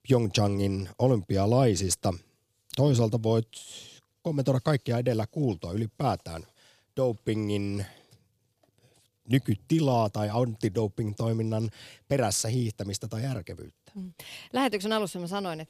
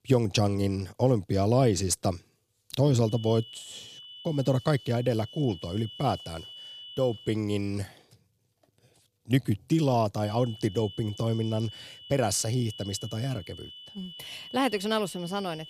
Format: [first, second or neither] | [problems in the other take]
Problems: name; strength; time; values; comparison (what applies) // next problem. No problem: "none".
first | high-pitched whine; noticeable; from 3 to 7.5 s and from 10 s on; 3 kHz, 15 dB below the speech